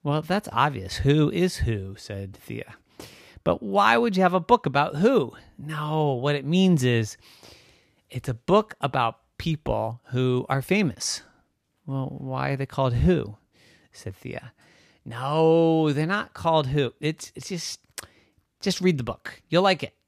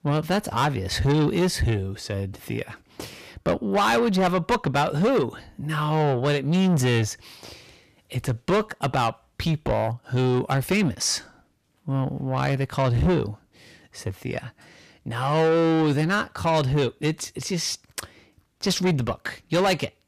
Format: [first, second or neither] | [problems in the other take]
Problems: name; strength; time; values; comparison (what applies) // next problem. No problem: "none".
first | distortion; heavy; 7 dB below the speech